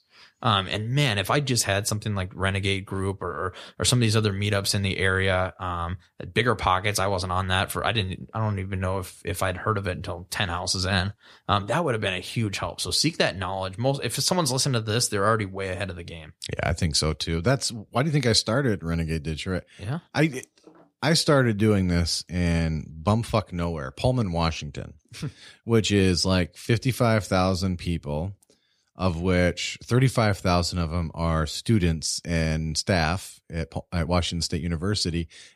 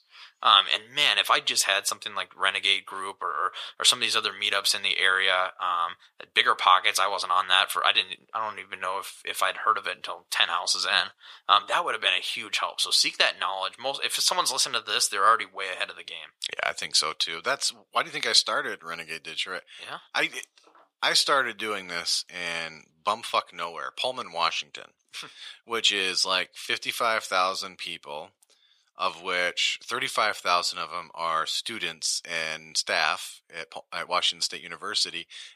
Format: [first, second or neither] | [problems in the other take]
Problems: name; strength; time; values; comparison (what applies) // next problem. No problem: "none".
first | thin; very; fading below 750 Hz